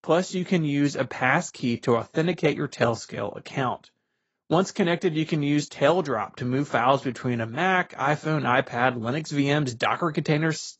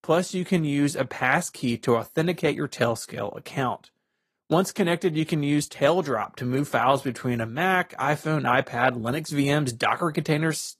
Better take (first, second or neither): second